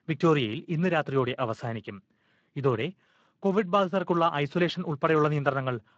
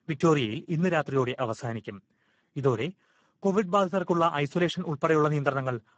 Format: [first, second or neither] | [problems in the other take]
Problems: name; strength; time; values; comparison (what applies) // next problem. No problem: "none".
first | garbled, watery; badly; nothing above 7.5 kHz; slightly in the first